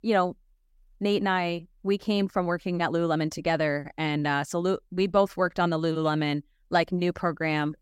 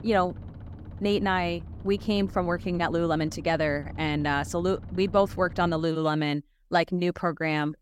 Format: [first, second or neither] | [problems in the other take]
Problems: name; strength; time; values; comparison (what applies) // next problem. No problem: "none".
first | low rumble; faint; until 6 s; 25 dB below the speech